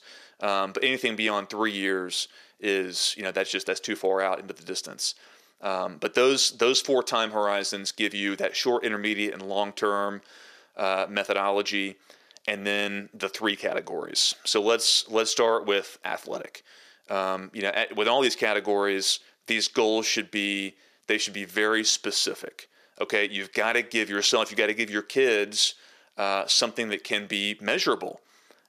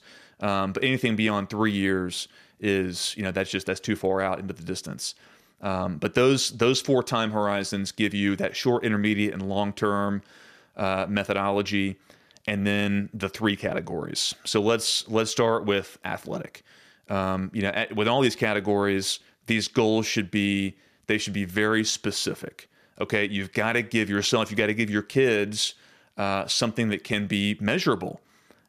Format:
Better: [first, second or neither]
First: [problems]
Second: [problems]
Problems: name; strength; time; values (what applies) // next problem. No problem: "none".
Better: second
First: thin; somewhat; fading below 450 Hz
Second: none